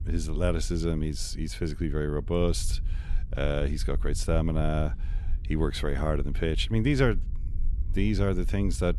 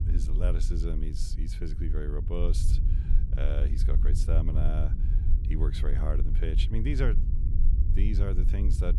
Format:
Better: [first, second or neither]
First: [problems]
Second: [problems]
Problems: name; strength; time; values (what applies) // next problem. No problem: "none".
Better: first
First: low rumble; faint; throughout; 20 dB below the speech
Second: low rumble; loud; throughout; 7 dB below the speech